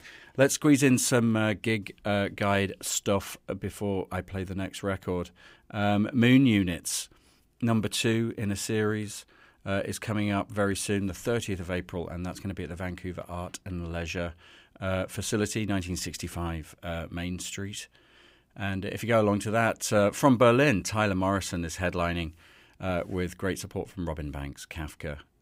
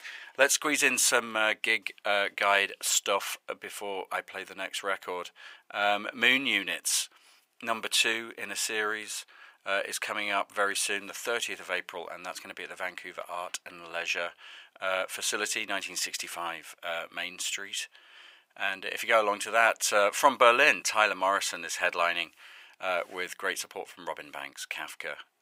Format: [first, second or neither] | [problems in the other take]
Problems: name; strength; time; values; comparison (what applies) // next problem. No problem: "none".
first | thin; very; fading below 800 Hz